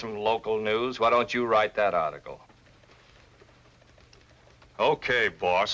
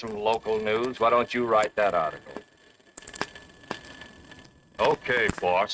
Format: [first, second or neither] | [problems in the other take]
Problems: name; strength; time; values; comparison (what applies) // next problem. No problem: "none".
first | noise reduction (neural mask model RNNoise)